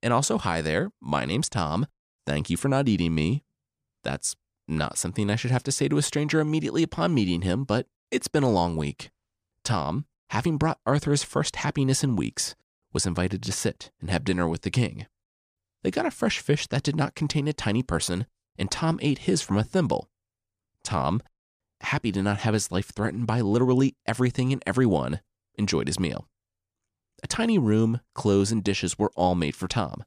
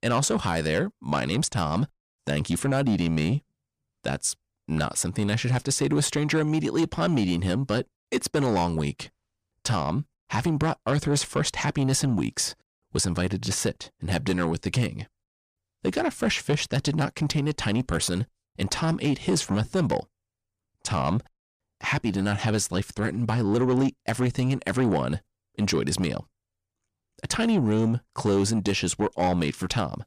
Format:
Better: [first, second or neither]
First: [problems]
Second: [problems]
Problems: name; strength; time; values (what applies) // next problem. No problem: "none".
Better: first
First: none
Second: distortion; slight; 10 dB below the speech